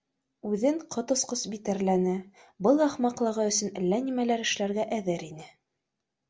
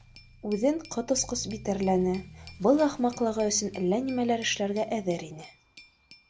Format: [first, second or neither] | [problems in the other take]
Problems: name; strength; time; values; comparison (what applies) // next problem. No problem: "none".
first | background sound (Accelerating, revving, vroom / Motor vehicle (road) + Glass); 20 dB below the speech